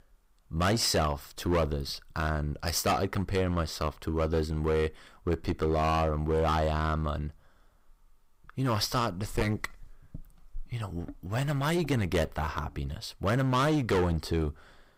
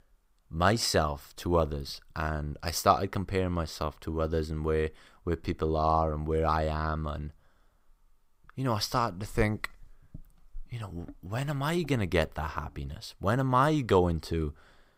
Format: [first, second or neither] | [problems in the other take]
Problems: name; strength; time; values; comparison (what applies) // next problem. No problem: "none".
second | distortion; heavy; 8% of the sound clipped